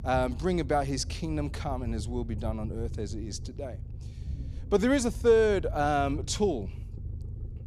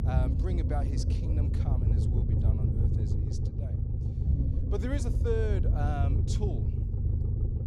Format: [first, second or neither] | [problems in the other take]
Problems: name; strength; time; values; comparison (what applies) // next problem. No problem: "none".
first | low rumble; loud; throughout; 3 dB below the speech; faint in the first